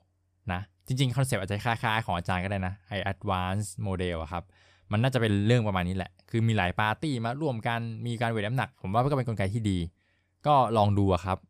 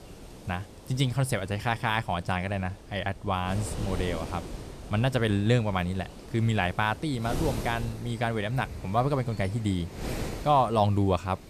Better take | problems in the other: first | wind noise on the microphone; occasional gusts; 15 dB below the speech

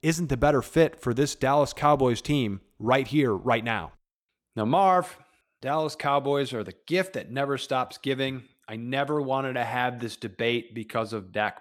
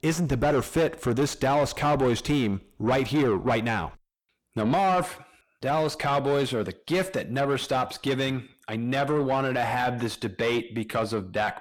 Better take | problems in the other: first | distortion; heavy; 7 dB below the speech

